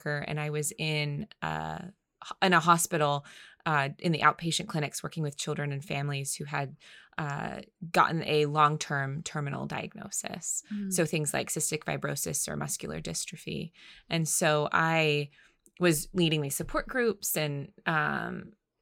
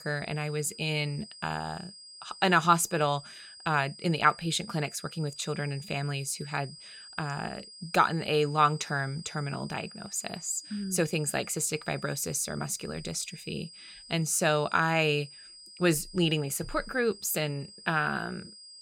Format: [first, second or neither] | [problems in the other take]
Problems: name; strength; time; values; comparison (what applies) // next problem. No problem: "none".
first | high-pitched whine; noticeable; throughout; 5 kHz, 15 dB below the speech